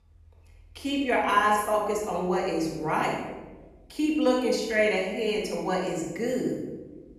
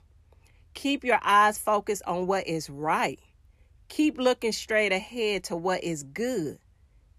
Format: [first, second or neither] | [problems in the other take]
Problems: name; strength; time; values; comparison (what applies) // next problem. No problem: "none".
second | off-mic speech; far // room echo; noticeable; dies away in 1 s